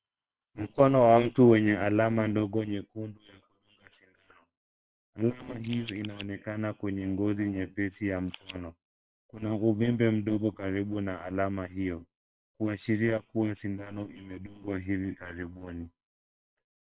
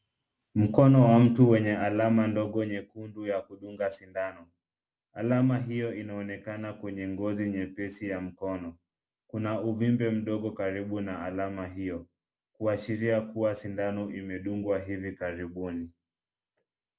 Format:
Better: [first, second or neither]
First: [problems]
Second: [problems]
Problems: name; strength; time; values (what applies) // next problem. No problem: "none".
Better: second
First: noise reduction (neural separator model SepFormer WHAM!)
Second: none